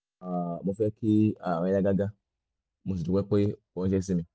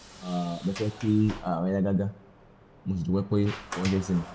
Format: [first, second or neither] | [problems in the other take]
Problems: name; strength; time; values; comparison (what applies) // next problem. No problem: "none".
first | background sound (Sliding door); 15 dB below the speech // room echo; dies away in 0.3 s